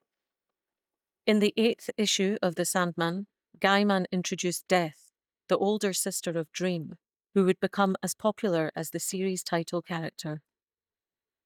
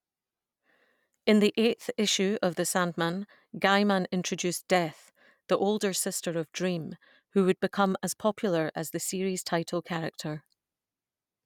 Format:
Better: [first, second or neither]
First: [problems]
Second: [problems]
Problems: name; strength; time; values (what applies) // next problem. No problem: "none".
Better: second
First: noise reduction (neural mask model DeepFilterNet 3)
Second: none